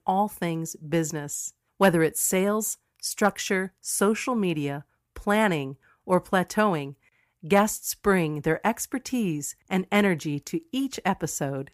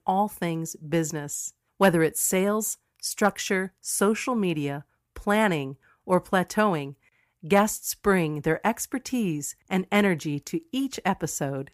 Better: neither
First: none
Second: none

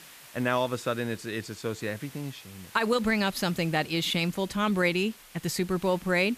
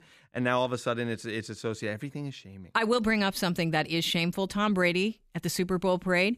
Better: second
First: hiss; noticeable; throughout; 20 dB below the speech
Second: none

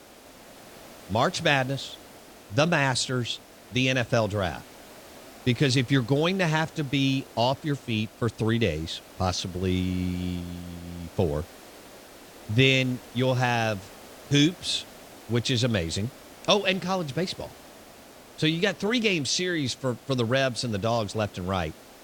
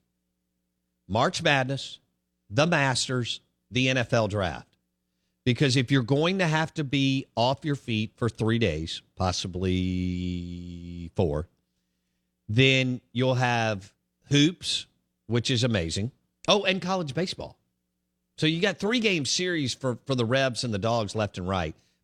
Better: second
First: hiss; faint; throughout; 20 dB below the speech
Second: none

